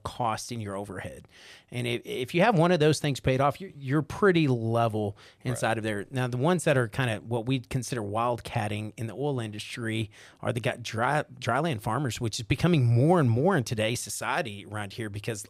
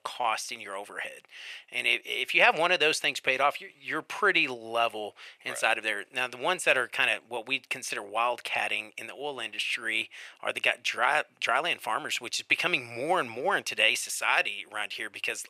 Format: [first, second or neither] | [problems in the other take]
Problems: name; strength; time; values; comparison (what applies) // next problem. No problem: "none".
first | thin; very; fading below 600 Hz